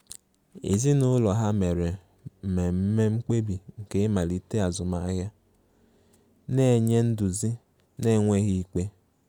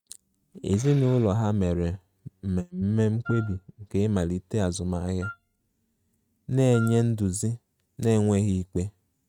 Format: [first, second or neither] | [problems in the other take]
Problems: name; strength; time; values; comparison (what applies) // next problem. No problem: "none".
first | noise reduction (neural mask model RNNoise)